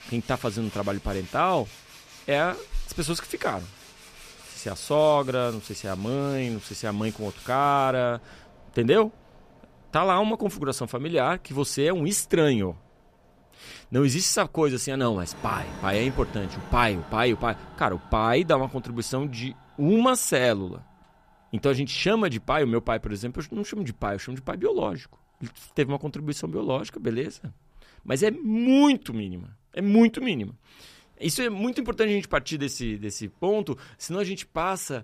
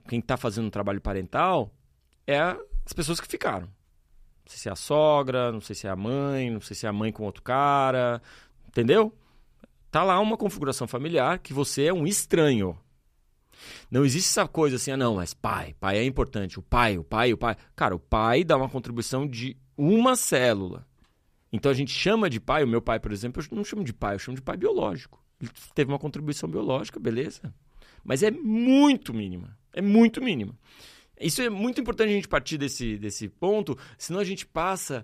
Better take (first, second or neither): second